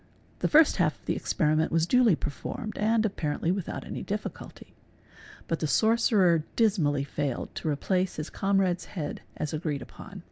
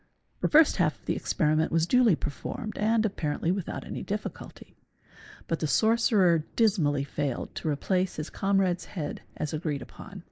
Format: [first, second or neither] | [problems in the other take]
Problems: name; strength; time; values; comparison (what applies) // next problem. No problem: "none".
first | noise reduction (neural mask model Resemble Enhance denoiser)